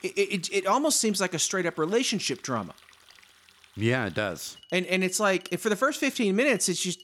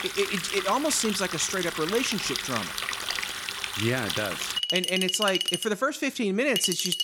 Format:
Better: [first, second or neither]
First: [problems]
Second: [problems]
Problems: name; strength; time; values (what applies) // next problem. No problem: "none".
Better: first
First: household noises; faint; throughout; 25 dB below the speech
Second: household noises; loud; throughout; 2 dB below the speech